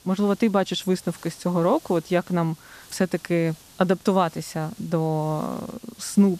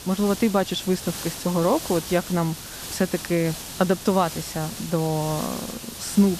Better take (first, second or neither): first